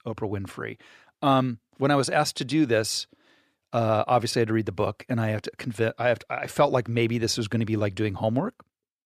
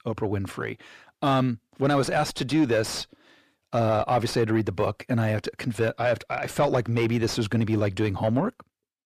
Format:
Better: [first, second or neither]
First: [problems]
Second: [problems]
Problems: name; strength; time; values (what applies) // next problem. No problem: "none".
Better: first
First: none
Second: distortion; slight; 10 dB below the speech